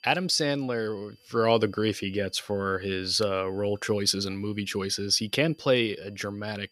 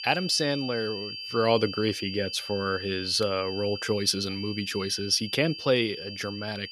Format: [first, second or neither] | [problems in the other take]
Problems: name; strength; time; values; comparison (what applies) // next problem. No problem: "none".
first | high-pitched whine; loud; throughout; 4.5 kHz, 8 dB below the speech; faint in the first